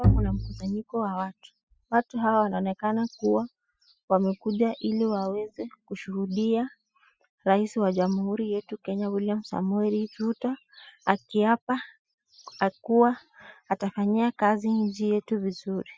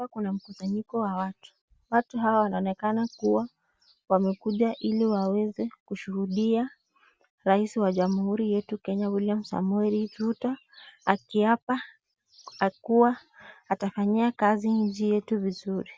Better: second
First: noise reduction (classical method spectral subtraction)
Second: none

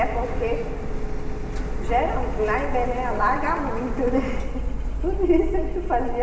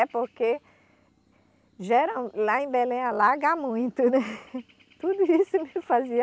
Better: second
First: background sound (Printer); as loud as the speech // room echo; dies away in 2.4 s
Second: none

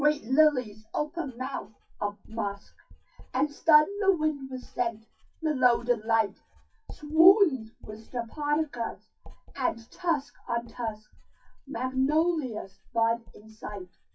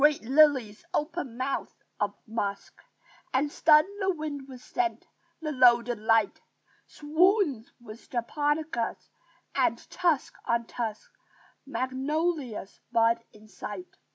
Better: second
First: noise reduction (classical method WPE with log-MMSE)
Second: none

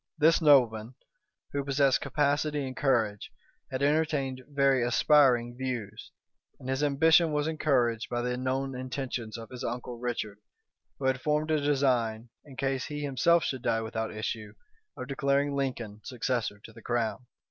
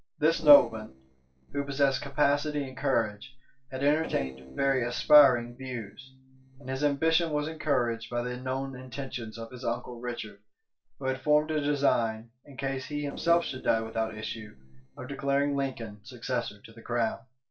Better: first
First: none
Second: noise reduction (neural separator model SepFormer DNS4)

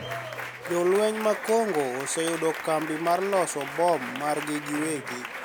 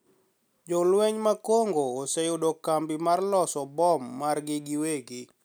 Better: second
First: background sound (Applause); 8 dB below the speech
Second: none

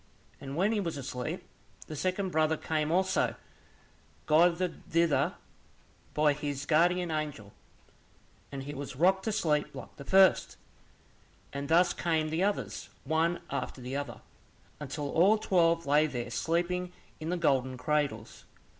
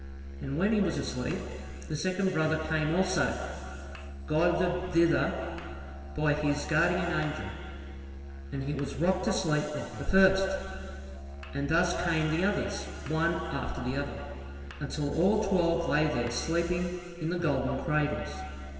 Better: first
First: none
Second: background sound (Musical instrument); 11 dB below the speech // room echo; dies away in 2.5 s

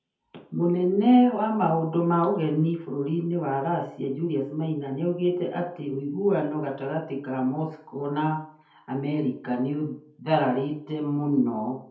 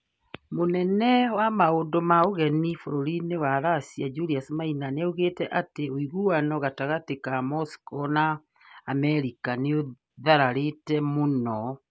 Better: second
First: room echo; dies away in 0.5 s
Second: none

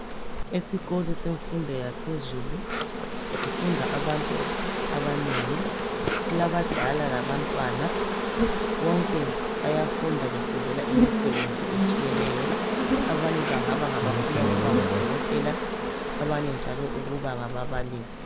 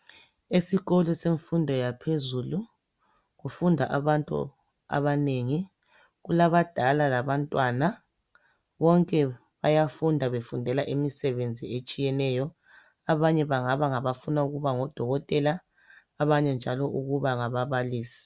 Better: second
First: background sound (Insect); 4 dB above the speech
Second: none

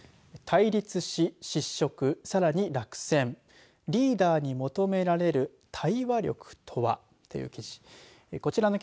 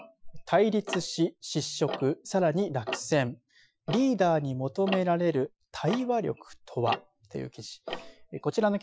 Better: first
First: none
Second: noise reduction (classical method Wiener filter)

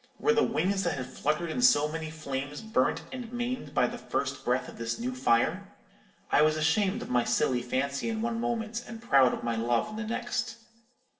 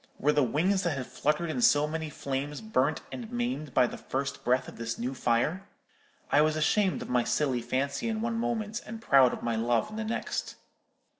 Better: second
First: room echo; dies away in 0.6 s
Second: none

